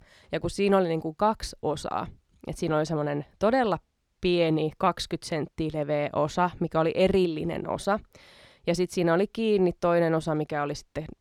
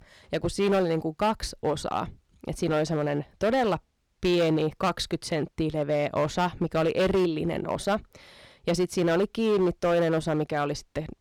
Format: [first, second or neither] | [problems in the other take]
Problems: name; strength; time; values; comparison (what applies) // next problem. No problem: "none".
first | distortion; slight; 8% of the sound clipped